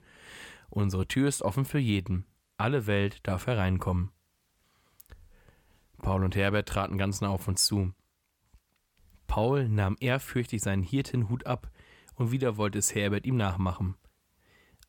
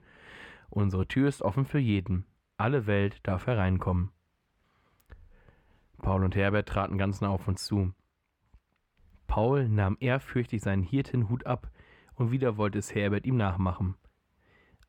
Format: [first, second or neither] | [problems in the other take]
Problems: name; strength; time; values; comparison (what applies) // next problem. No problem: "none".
first | muffled; slightly; fading above 4 kHz